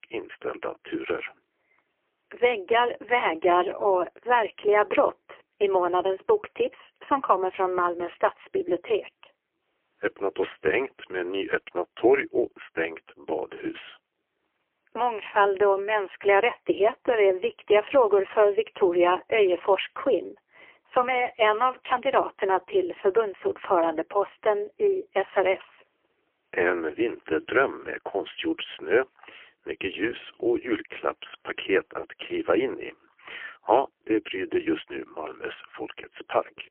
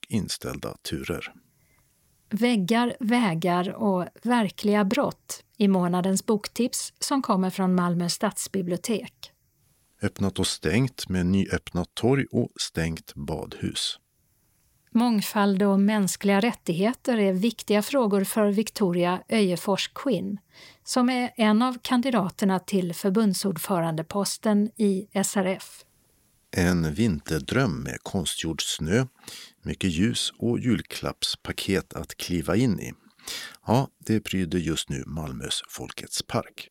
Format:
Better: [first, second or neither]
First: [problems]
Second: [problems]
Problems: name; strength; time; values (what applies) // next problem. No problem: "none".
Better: second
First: phone-call audio; poor line; nothing above 3 kHz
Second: none